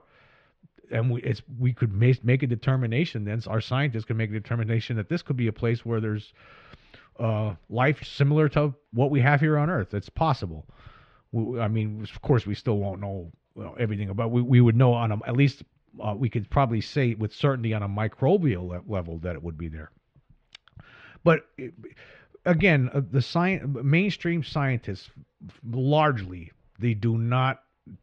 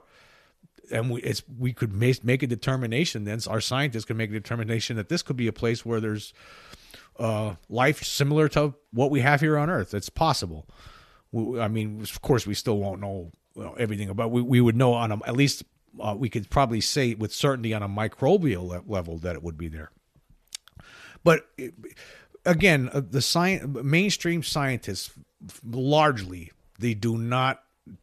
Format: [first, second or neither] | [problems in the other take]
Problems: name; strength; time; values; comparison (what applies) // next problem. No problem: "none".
second | muffled; slightly; fading above 3 kHz